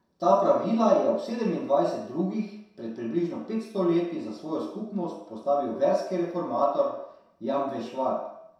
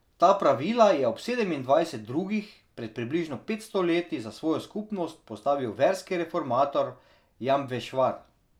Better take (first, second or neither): second